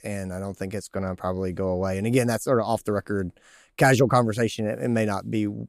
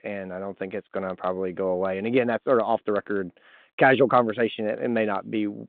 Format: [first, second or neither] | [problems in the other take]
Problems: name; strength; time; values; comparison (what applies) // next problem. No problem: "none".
first | phone-call audio; nothing above 3.5 kHz